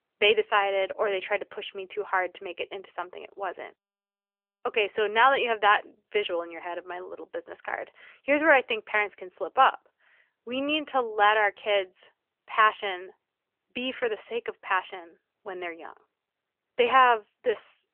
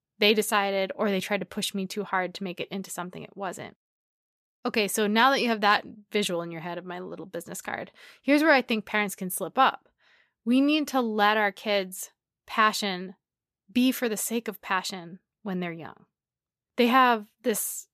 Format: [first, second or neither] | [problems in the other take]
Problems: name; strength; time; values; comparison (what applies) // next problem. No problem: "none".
second | phone-call audio; nothing above 3 kHz